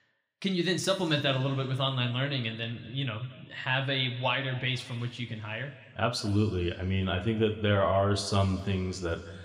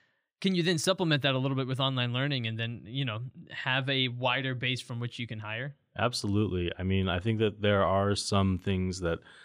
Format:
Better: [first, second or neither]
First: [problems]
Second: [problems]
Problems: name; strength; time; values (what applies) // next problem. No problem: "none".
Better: second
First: room echo; slight; dies away in 1.5 s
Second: none